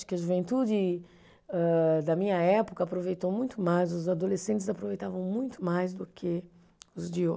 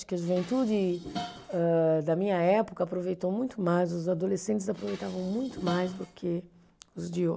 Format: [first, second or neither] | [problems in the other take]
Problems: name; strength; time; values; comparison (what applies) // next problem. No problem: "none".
first | background sound (Dishes, pots, and pans); 16 dB below the speech